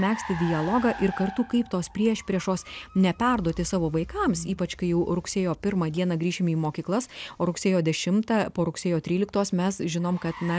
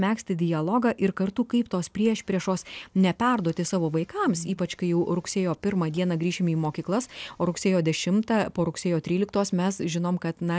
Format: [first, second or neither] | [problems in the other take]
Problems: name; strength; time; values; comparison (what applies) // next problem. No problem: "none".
second | background sound (Car); 17 dB below the speech